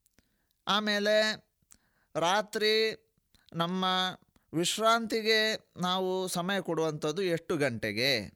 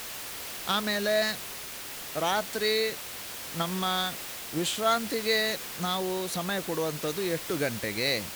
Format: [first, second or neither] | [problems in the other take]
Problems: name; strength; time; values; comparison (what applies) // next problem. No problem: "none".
first | hiss; loud; throughout; 6 dB below the speech